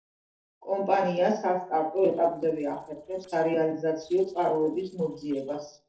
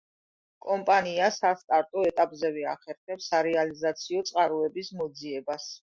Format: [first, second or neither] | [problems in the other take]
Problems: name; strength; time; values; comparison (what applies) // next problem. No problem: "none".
second | noise reduction (neural separator model SepFormer DNS4)